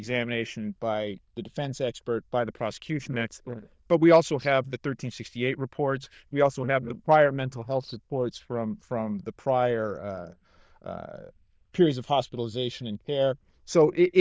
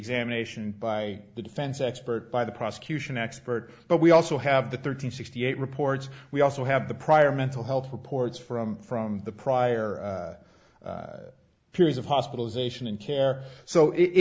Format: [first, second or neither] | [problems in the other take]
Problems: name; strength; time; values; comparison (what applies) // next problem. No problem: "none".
second | noise reduction (neural diffusion model UNIVERSE++)